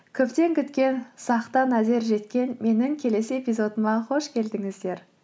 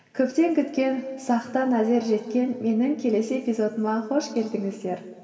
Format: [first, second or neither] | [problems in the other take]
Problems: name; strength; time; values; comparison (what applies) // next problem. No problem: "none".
first | room echo; dies away in 2 s